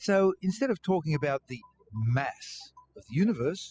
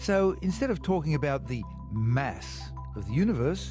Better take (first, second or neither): second